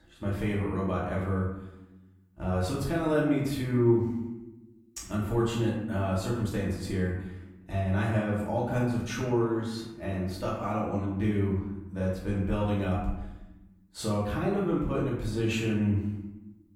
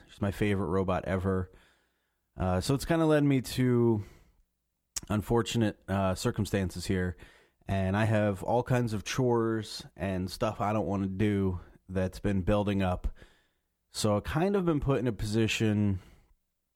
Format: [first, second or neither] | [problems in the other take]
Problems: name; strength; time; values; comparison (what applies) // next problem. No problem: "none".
second | off-mic speech; far // room echo; noticeable; dies away in 0.9 s